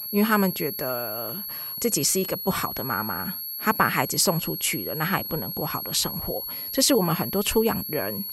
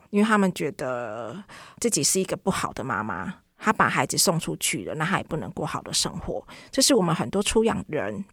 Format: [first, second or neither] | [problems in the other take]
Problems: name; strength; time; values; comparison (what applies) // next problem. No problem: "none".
second | high-pitched whine; loud; throughout; 11.5 kHz, 5 dB below the speech